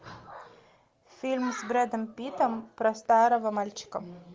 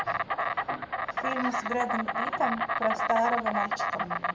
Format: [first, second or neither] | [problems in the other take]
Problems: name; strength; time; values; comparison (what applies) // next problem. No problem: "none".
first | background sound (Insect); 2 dB above the speech // room echo; dies away in 0.7 s